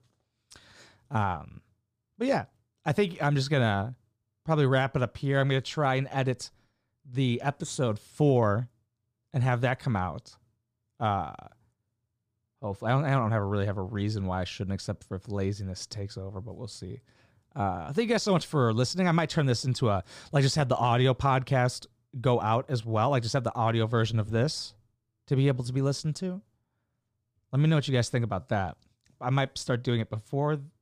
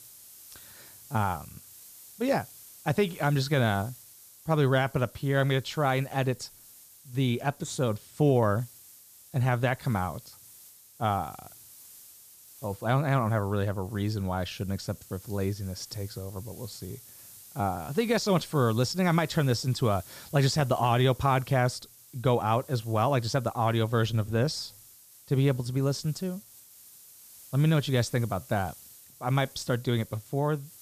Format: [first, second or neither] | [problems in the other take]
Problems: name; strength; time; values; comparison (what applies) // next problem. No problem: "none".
first | hiss; faint; throughout; 20 dB below the speech